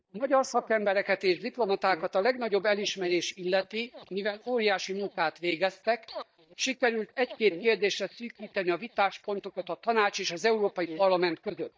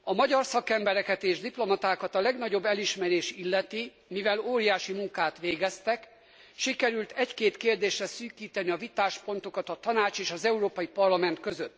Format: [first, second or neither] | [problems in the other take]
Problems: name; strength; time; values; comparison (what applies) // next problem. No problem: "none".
second | noise reduction (neural mask model DeepFilterNet 3)